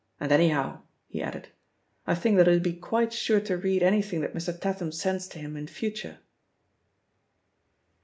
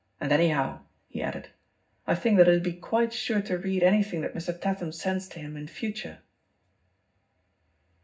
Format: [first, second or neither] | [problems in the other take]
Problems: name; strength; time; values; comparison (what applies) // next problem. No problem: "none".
first | room echo; dies away in 0.4 s